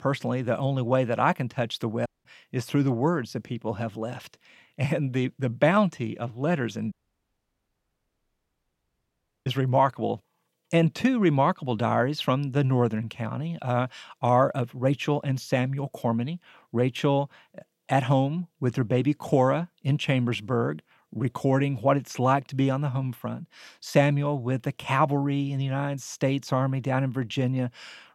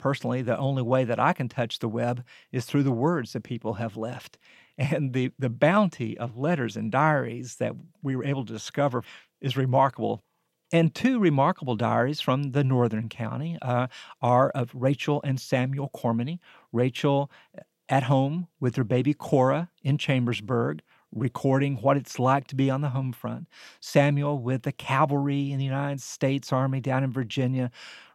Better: second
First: audio cutting out; at 2 s and at 7 s for 2.5 s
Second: none

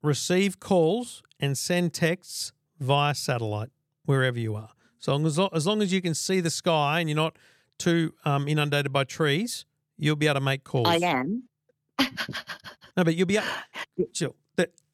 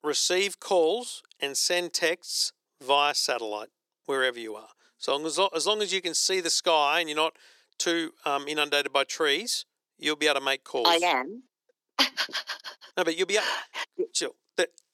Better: first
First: none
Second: thin; very; fading below 350 Hz

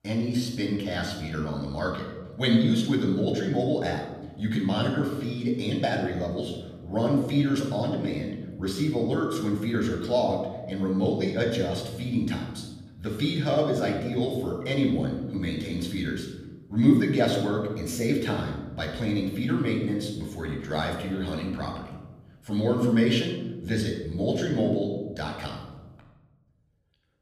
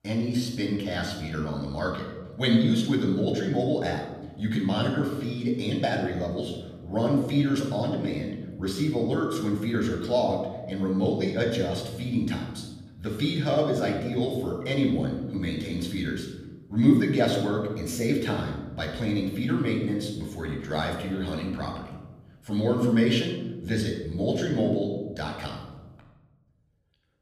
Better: neither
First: off-mic speech; somewhat distant // room echo; noticeable; dies away in 1.1 s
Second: off-mic speech; somewhat distant // room echo; noticeable; dies away in 1.1 s

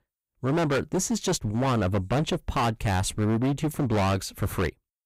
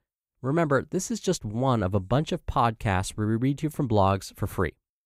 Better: second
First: distortion; heavy; 20% of the sound clipped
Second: none

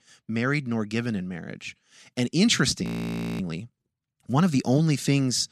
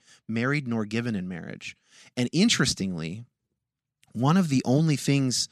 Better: second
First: audio freezing; at 3 s for 0.5 s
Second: none

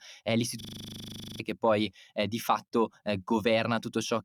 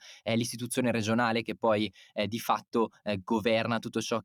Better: second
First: audio freezing; at 0.5 s for 1 s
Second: none

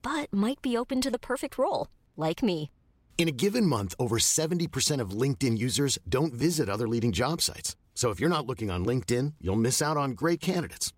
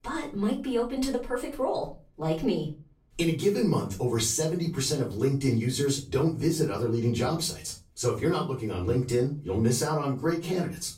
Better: first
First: none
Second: off-mic speech; far // room echo; slight; dies away in 0.3 s

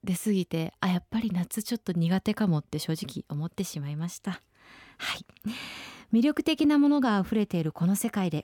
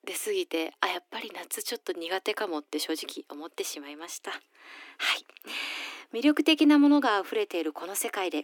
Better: first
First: none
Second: thin; very slightly; fading below 300 Hz

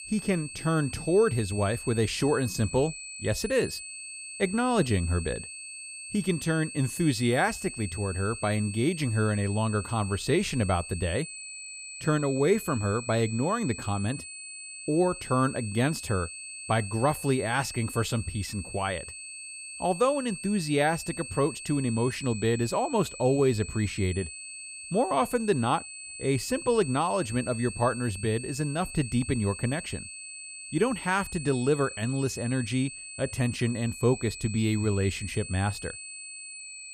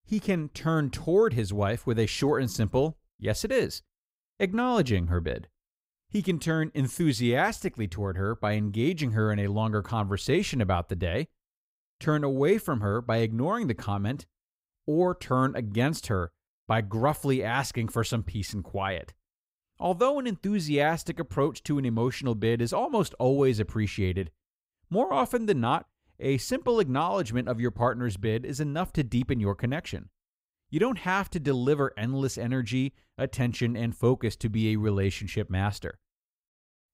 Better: second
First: high-pitched whine; noticeable; throughout; 2.5 kHz, 10 dB below the speech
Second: none

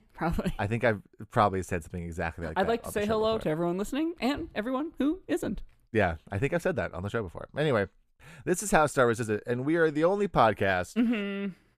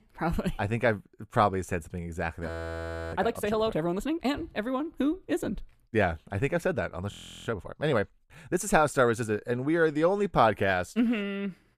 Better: first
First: none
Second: audio freezing; at 2.5 s for 0.5 s and at 7 s

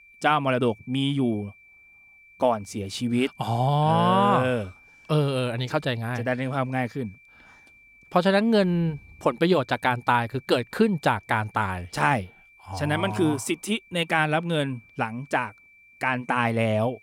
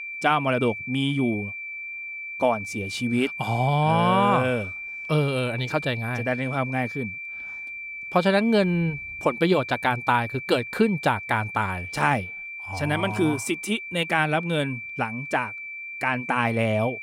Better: first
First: high-pitched whine; faint; throughout; 2.5 kHz, 25 dB below the speech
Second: high-pitched whine; loud; throughout; 2.5 kHz, 9 dB below the speech

